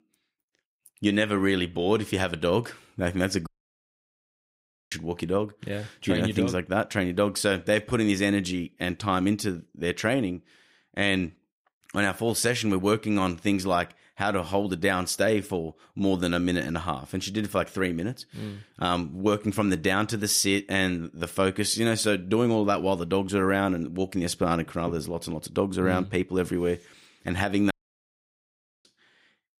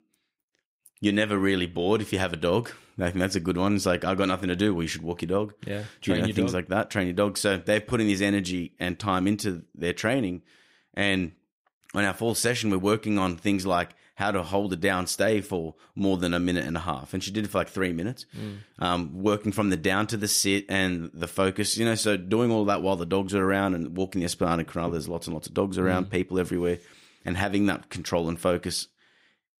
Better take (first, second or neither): second